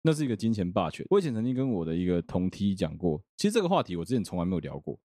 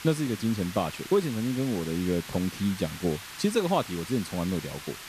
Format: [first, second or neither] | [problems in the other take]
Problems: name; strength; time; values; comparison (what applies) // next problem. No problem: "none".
first | hiss; noticeable; throughout; 10 dB below the speech